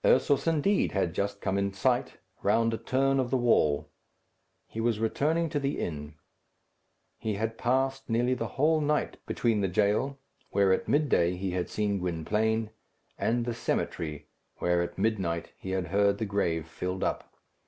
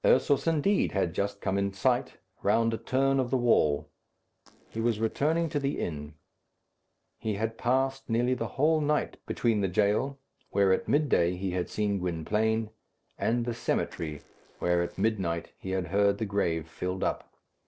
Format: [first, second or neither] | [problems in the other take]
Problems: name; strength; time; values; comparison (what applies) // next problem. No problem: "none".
first | noise reduction (neural separator model SepFormer DNS4)